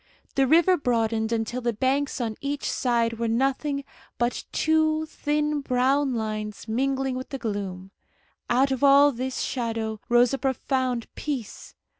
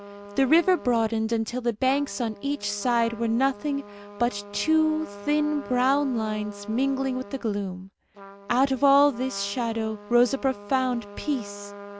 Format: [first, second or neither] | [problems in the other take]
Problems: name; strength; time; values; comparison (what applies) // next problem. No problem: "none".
first | background sound (Trumpet); 17 dB below the speech